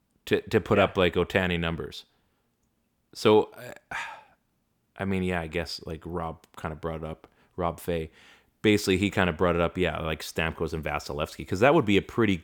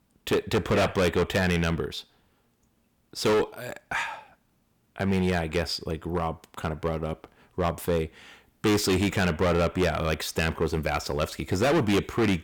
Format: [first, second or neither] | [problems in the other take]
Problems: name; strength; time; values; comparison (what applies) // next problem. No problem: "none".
first | distortion; heavy; 10% of the sound clipped